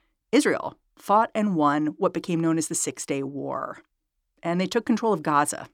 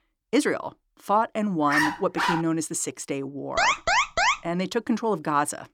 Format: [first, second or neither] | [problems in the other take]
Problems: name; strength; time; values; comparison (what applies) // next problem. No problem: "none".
first | dog barking; loud; at 1.5 s; peak 2 dB above the speech // alarm; loud; at 3.5 s; peak 6 dB above the speech